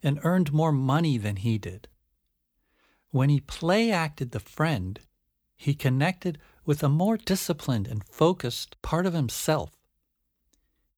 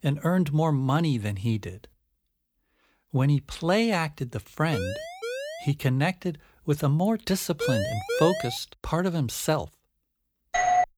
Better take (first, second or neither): first